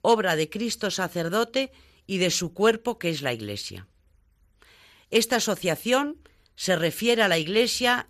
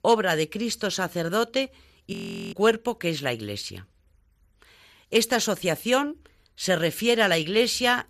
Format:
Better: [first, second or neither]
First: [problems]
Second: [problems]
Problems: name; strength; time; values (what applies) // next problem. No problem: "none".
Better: first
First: none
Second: audio freezing; at 2 s